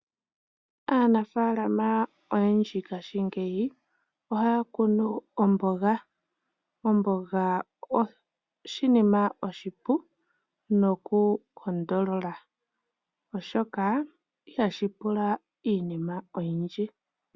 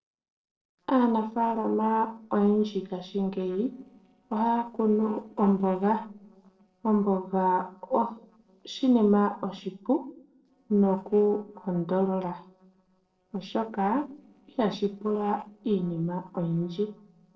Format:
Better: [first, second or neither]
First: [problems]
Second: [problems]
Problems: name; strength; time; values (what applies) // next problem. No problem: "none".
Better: first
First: none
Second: noise reduction (neural separator model SepFormer DNS4)